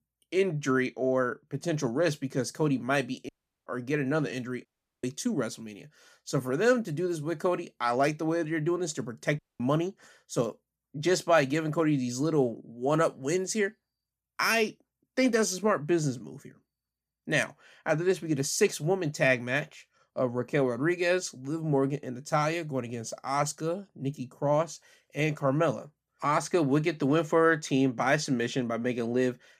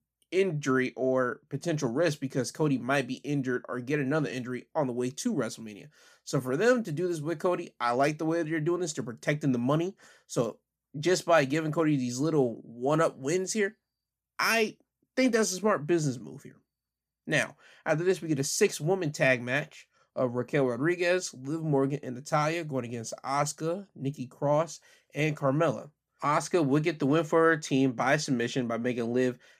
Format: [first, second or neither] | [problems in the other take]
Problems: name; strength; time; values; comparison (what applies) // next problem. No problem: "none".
second | audio cutting out; at 3.5 s, at 4.5 s and at 9.5 s